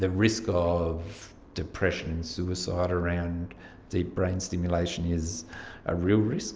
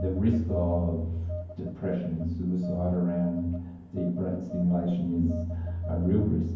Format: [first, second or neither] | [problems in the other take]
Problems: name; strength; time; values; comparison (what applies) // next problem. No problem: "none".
first | background sound (Telephone); 5 dB below the speech // room echo; dies away in 0.9 s